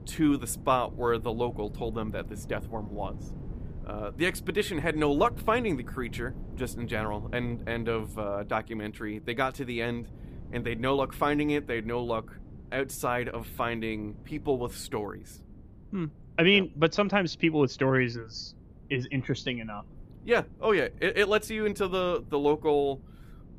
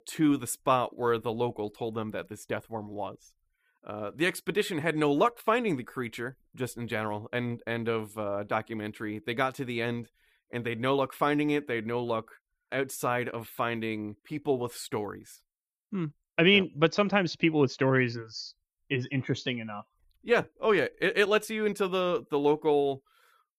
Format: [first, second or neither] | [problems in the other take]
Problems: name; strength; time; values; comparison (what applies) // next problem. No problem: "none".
second | wind noise on the microphone; occasional gusts; 25 dB below the speech